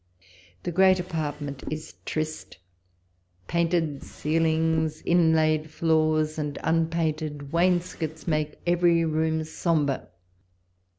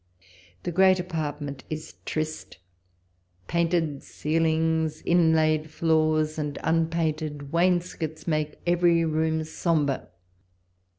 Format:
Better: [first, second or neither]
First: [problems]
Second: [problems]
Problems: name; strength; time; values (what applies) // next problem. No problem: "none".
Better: second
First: background sound (Drawer open or close); 14 dB below the speech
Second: none